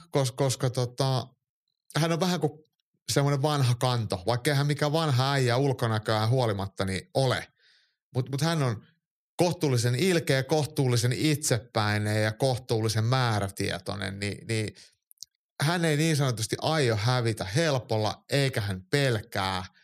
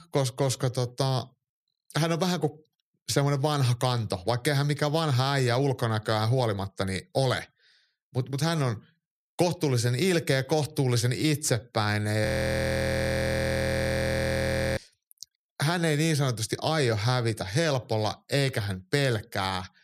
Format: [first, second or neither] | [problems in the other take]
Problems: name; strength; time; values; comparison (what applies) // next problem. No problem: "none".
first | audio freezing; at 12 s for 2.5 s